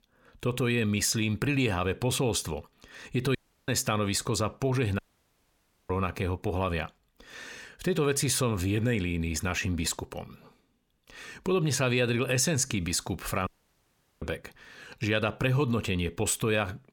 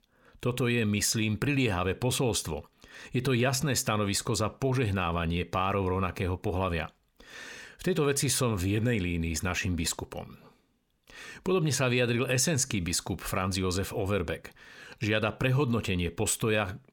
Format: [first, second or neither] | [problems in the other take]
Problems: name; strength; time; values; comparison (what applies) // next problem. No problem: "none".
second | audio cutting out; at 3.5 s, at 5 s for 1 s and at 13 s for 1 s